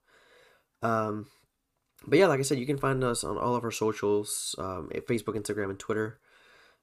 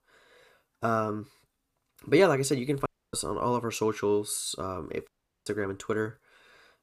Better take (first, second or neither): first